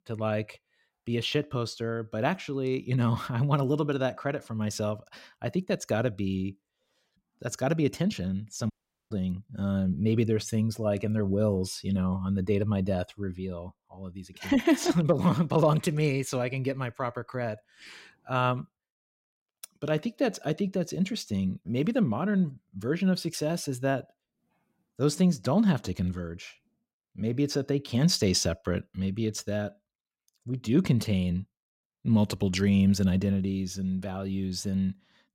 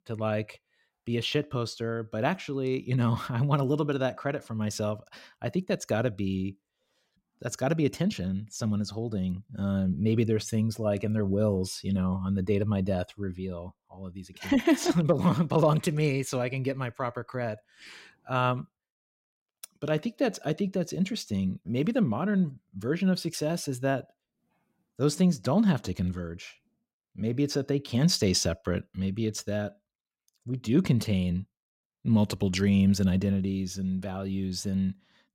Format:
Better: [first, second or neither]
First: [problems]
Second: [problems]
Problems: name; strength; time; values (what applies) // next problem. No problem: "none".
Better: second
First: audio cutting out; at 8.5 s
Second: none